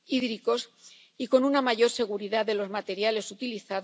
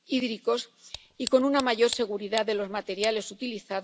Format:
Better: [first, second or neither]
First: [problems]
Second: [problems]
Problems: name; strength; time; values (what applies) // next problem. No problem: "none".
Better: first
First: none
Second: background sound (Tick); 14 dB below the speech